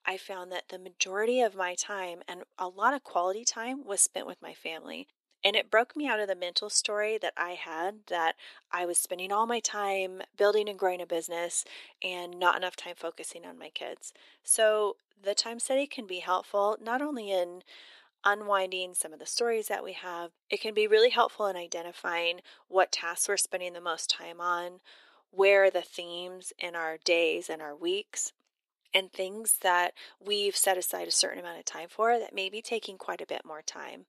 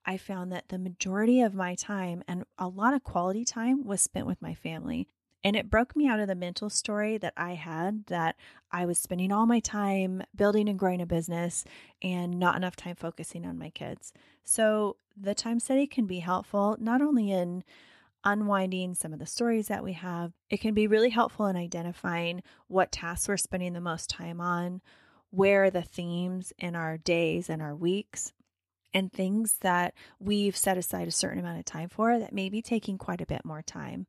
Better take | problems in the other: second | thin; very; fading below 400 Hz

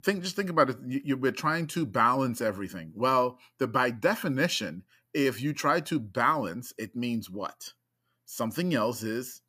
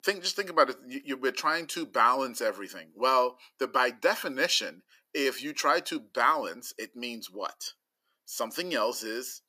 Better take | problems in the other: first | thin; somewhat; fading below 350 Hz

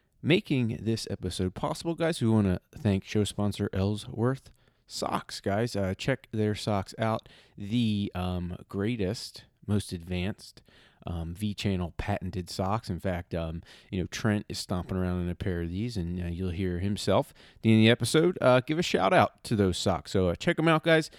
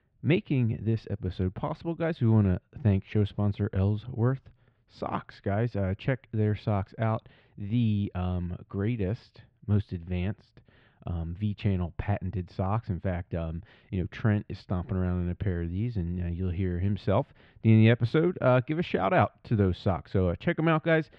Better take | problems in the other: first | muffled; very; fading above 2.5 kHz

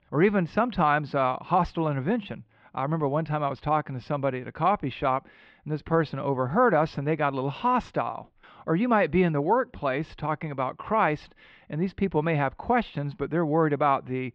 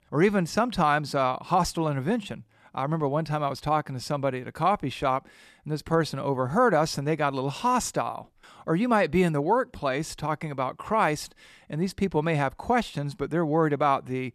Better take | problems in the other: second | muffled; very; fading above 3.5 kHz

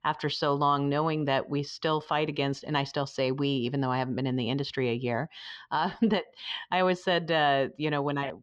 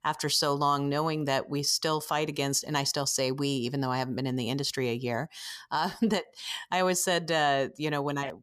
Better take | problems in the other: second | muffled; slightly; fading above 3.5 kHz

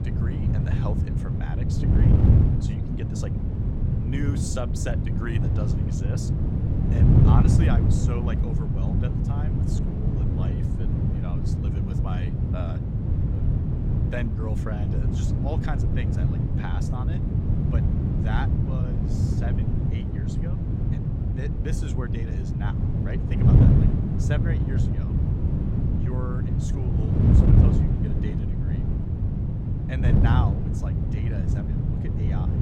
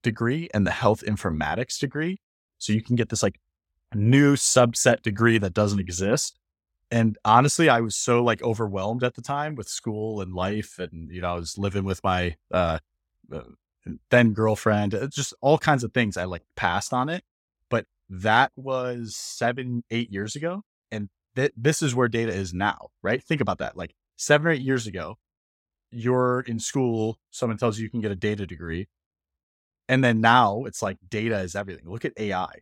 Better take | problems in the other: second | wind noise on the microphone; heavy; 4 dB above the speech

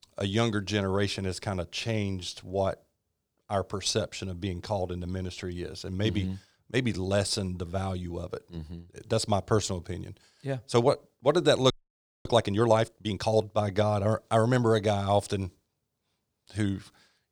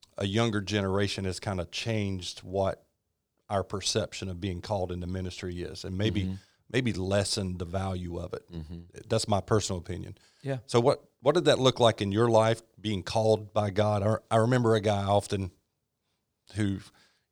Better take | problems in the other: second | audio freezing; at 12 s for 0.5 s

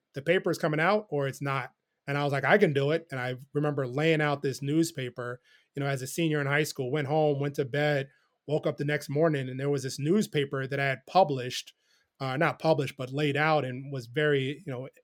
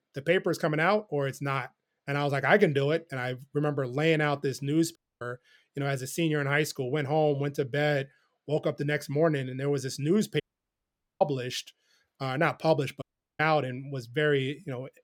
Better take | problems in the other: first | audio cutting out; at 5 s, at 10 s for 1 s and at 13 s

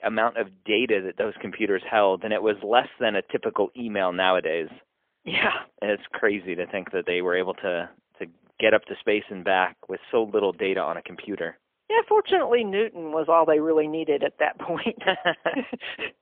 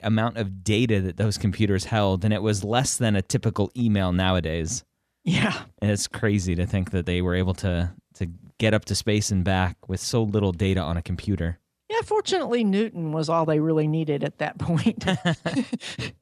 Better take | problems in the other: second | phone-call audio; poor line; nothing above 3.5 kHz

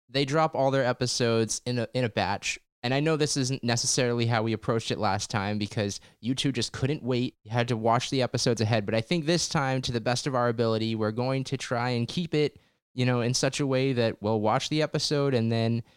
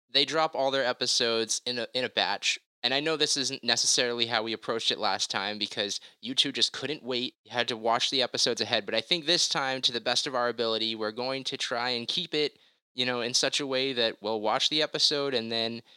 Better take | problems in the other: first | thin; somewhat; fading below 300 Hz

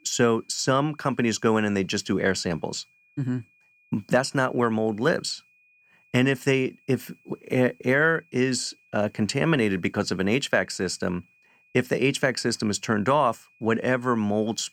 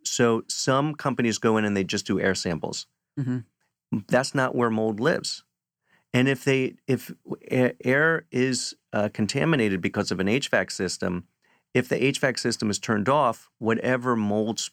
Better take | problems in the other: second | high-pitched whine; faint; throughout; 2.5 kHz, 35 dB below the speech

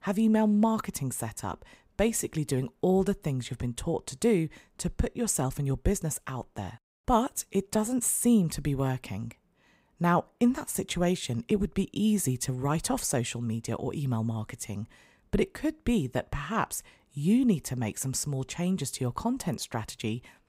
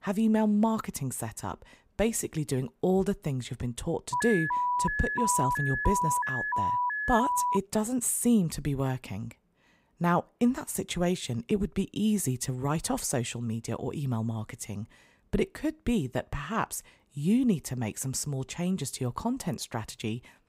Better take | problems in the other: first | alarm; loud; from 4 to 7.5 s; peak 2 dB above the speech

